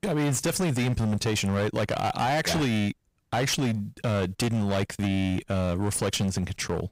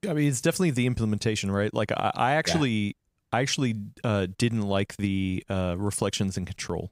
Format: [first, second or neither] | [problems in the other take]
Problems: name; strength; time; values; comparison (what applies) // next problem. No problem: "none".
second | distortion; heavy; 26% of the sound clipped